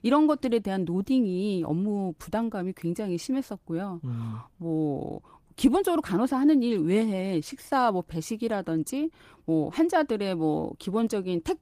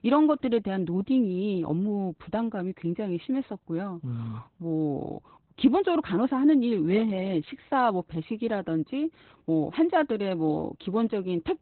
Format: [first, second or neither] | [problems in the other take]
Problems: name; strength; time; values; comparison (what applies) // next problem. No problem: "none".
first | garbled, watery; badly; nothing above 4 kHz; slightly in the first